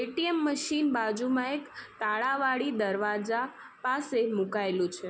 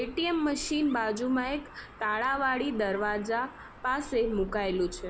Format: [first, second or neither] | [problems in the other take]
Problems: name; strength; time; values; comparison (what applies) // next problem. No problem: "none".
first | background sound (Dog); 17 dB below the speech